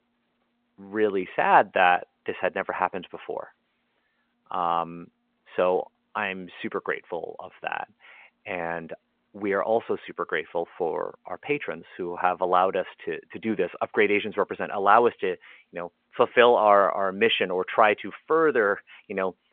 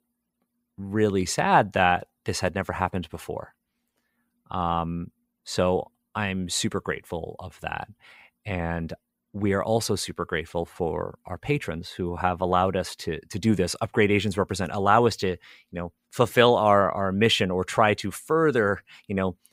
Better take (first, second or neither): second